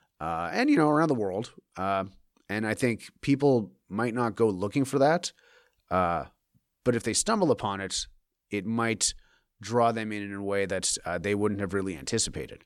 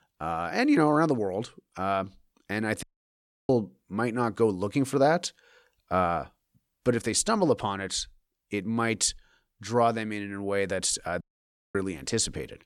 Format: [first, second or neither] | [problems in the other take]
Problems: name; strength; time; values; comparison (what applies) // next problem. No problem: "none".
first | audio cutting out; at 3 s for 0.5 s and at 11 s for 0.5 s